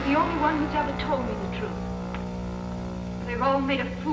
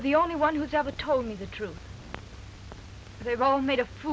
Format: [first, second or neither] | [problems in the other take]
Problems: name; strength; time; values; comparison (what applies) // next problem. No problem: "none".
second | background sound (Guitar); 5 dB below the speech // room echo; dies away in 0.9 s